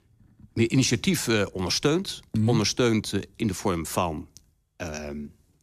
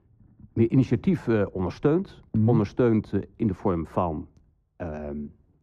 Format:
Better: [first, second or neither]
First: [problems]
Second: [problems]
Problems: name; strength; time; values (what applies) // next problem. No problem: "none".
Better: first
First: none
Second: muffled; very; fading above 2.5 kHz